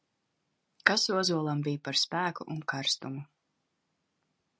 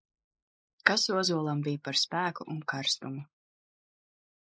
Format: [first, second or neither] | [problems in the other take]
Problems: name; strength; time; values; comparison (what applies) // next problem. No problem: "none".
first | noise reduction (neural mask model Resemble Enhance denoiser)